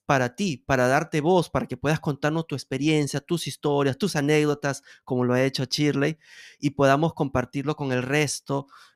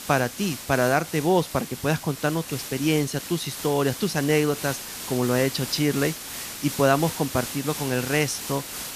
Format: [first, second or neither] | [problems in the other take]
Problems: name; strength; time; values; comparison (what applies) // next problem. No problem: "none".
first | hiss; loud; throughout; 8 dB below the speech